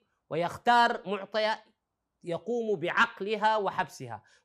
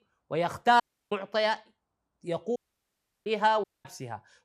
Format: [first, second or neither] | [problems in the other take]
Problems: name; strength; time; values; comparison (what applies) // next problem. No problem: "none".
first | audio cutting out; at 1 s, at 2.5 s for 0.5 s and at 3.5 s